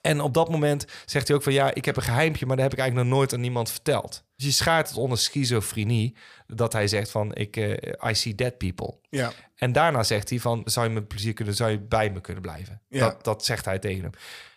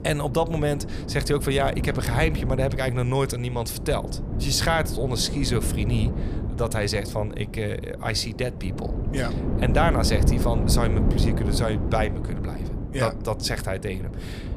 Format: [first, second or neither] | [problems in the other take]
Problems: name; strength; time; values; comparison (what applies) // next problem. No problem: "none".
first | wind noise on the microphone; heavy; 9 dB below the speech